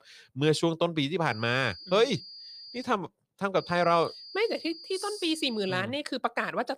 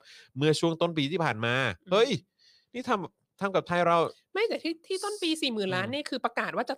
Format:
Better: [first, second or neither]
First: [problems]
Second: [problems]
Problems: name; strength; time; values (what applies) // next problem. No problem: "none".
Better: second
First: high-pitched whine; noticeable; from 1.5 to 3 s and from 3.5 to 5.5 s; 5 kHz, 15 dB below the speech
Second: none